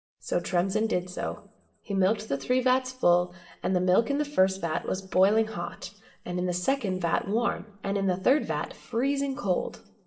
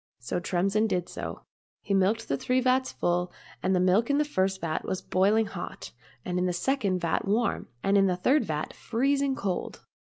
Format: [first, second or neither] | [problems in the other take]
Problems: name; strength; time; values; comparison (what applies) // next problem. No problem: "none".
second | room echo; dies away in 0.7 s